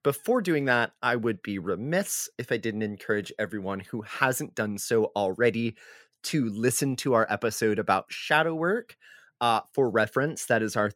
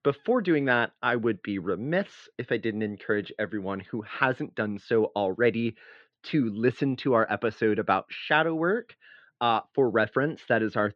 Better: first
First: none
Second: muffled; very; fading above 4 kHz

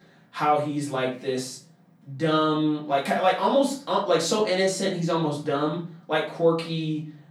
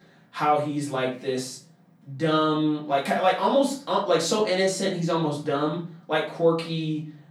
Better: neither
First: room echo; slight; dies away in 0.4 s // off-mic speech; far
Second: room echo; slight; dies away in 0.4 s // off-mic speech; far

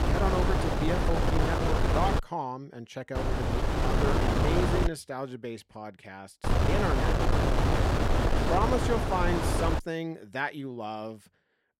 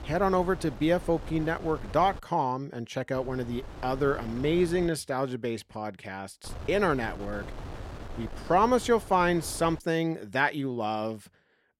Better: second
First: wind noise on the microphone; heavy; until 2 s, from 3 to 5 s and from 6.5 to 10 s; 2 dB above the speech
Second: wind noise on the microphone; occasional gusts; until 2 s, from 3 to 5 s and from 6.5 to 10 s; 20 dB below the speech

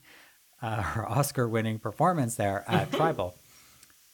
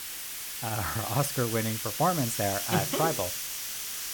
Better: first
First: hiss; faint; throughout; 30 dB below the speech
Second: hiss; loud; throughout; 2 dB below the speech

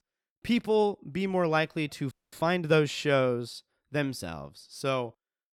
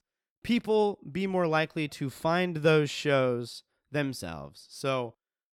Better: second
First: audio freezing; at 2 s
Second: none

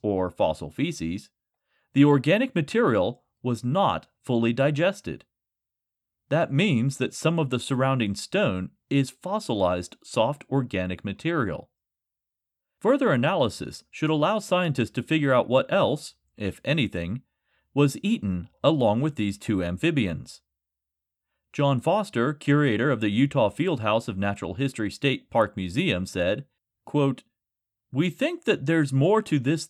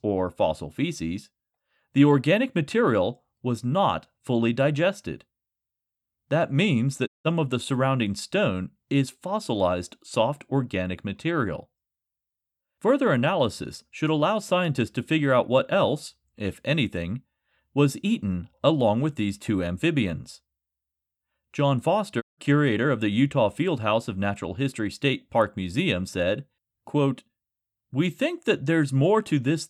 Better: first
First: none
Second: audio cutting out; at 7 s and at 22 s

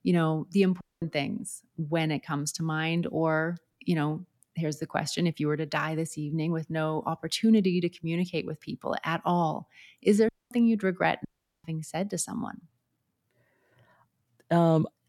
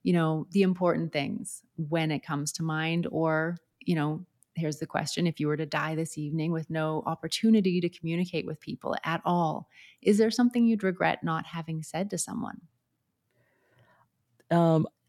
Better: second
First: audio cutting out; at 1 s, at 10 s and at 11 s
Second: none

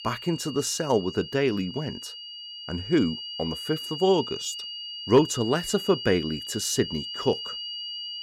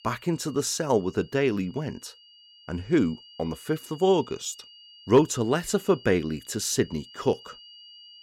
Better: second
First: high-pitched whine; loud; throughout; 3 kHz, 8 dB below the speech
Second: high-pitched whine; faint; throughout; 3 kHz, 20 dB below the speech

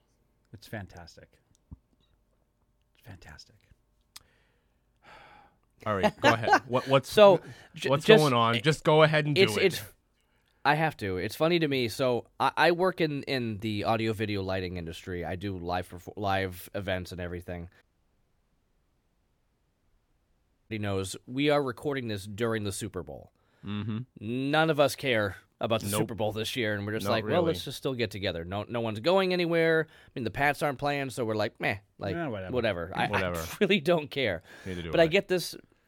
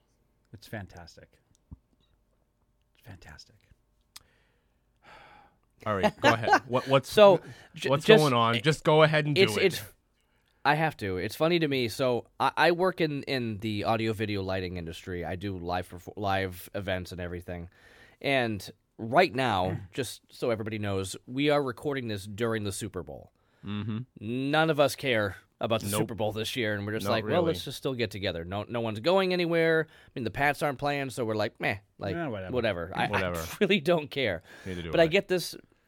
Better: second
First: audio cutting out; at 18 s for 3 s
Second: none

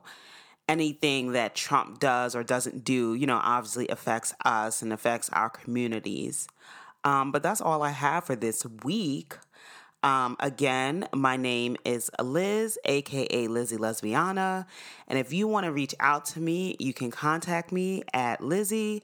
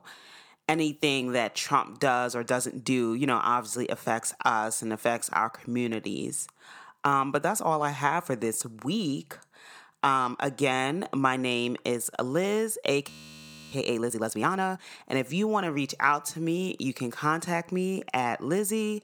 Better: first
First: none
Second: audio freezing; at 13 s for 0.5 s

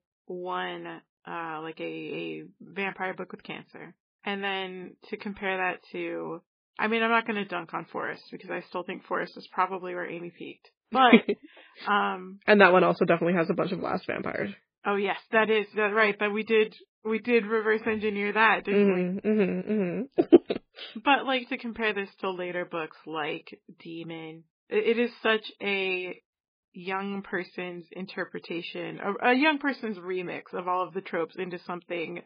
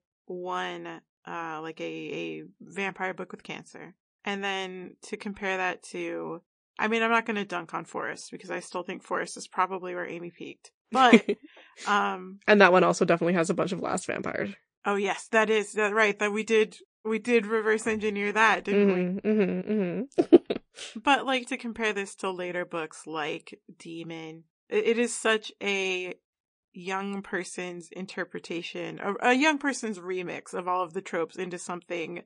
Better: second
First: garbled, watery; badly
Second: garbled, watery; slightly; nothing above 8.5 kHz

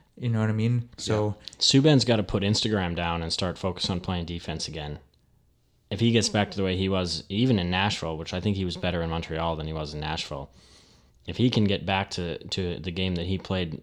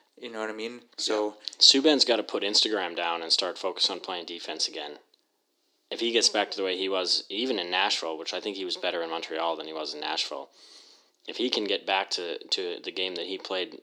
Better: first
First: none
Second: thin; somewhat; fading below 300 Hz

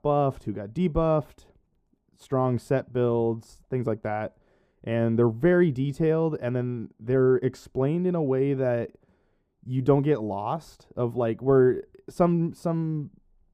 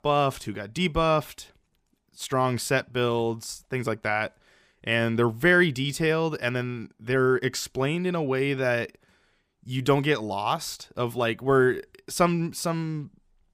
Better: second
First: muffled; very; fading above 1 kHz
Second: none

